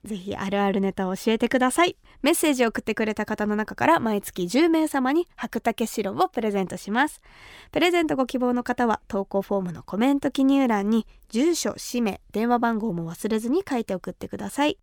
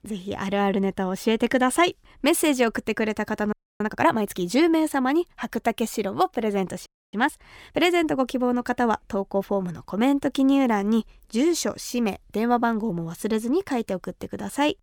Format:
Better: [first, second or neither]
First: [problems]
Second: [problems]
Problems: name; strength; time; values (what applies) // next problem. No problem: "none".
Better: first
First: none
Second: audio freezing; at 3.5 s and at 7 s